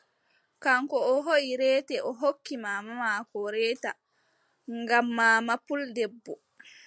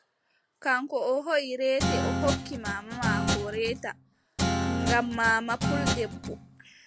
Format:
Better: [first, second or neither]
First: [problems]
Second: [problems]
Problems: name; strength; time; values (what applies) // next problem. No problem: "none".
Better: first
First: none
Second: background sound (Guitar); as loud as the speech